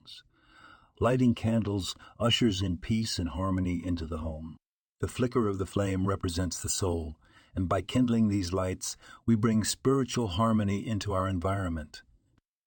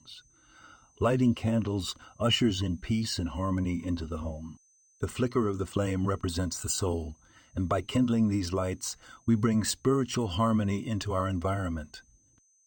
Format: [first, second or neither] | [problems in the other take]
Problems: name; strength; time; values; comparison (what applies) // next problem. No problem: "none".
first | high-pitched whine; faint; throughout; 6 kHz, 35 dB below the speech